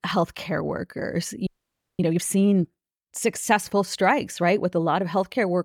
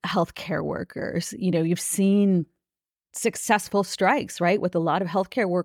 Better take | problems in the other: second | audio freezing; at 1.5 s for 0.5 s

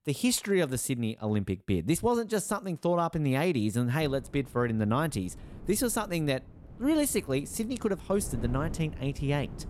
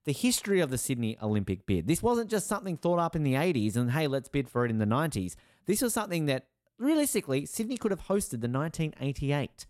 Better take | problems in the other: second | wind noise on the microphone; occasional gusts; from 4 s on; 20 dB below the speech

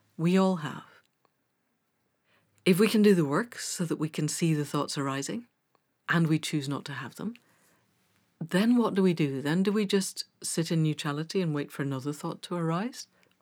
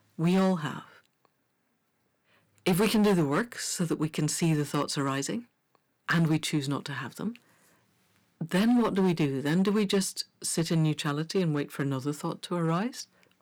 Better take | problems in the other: first | distortion; slight; 5% of the sound clipped

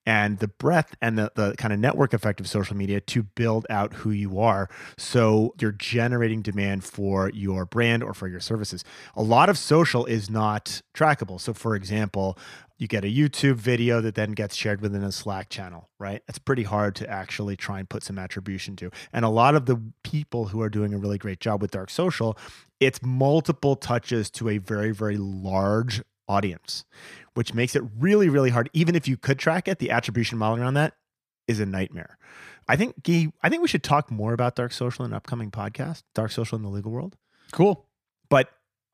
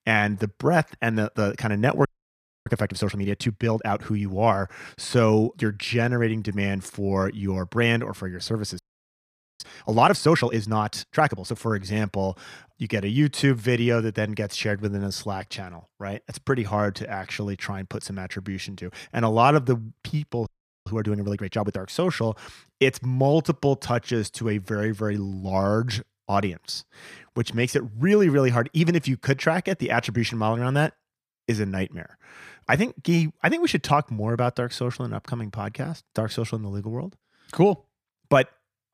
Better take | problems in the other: first | audio freezing; at 2 s for 0.5 s, at 9 s for 1 s and at 20 s

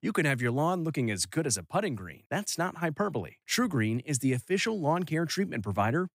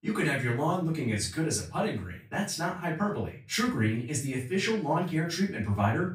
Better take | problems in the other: first | off-mic speech; far // room echo; slight; dies away in 0.3 s

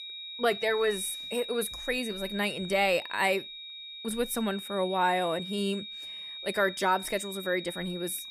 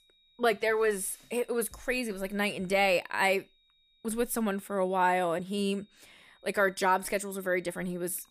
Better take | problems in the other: second | high-pitched whine; loud; throughout; 4 kHz, 9 dB below the speech; faint in the second

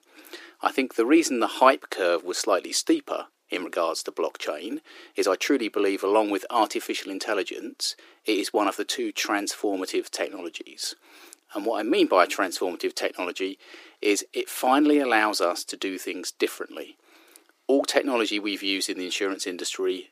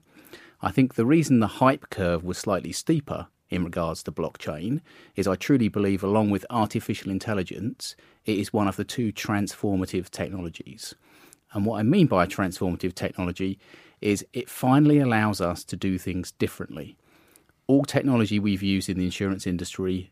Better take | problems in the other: second | thin; somewhat; fading below 300 Hz

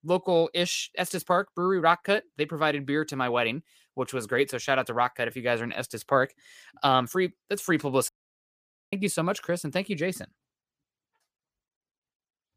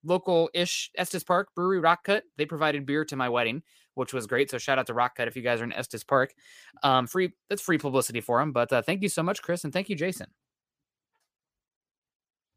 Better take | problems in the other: second | audio cutting out; at 8 s for 1 s

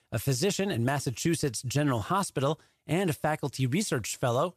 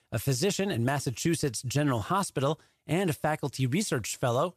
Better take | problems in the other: neither | none

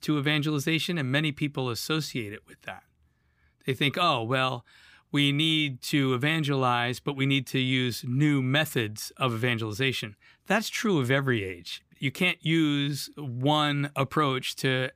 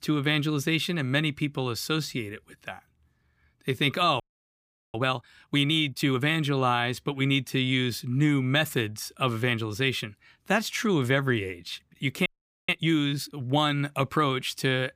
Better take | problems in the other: first | audio freezing; at 4 s for 0.5 s and at 12 s

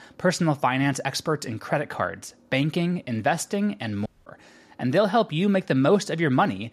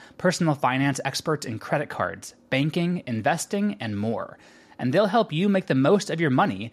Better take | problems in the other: second | audio cutting out; at 4 s

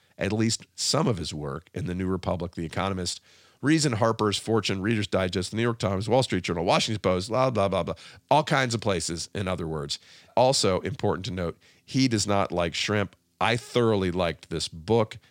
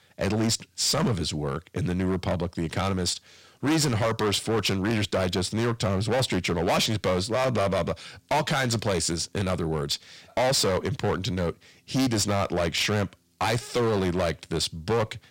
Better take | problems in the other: first | distortion; heavy; 13% of the sound clipped

